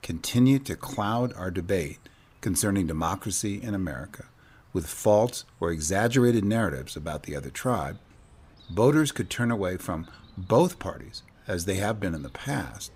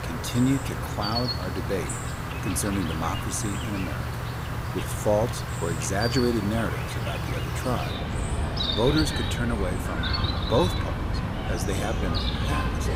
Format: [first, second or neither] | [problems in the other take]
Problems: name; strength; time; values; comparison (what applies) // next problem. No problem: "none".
first | animal sounds; loud; throughout; as loud as the speech; faint in the first